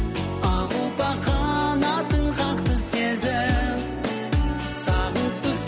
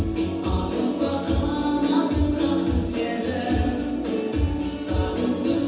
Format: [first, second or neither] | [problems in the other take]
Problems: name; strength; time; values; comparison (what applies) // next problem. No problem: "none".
first | room echo; dies away in 1.1 s